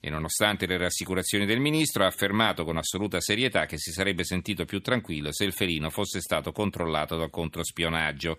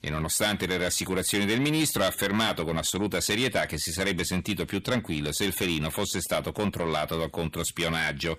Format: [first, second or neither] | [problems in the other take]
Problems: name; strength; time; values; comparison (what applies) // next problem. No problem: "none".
first | distortion; heavy; 8 dB below the speech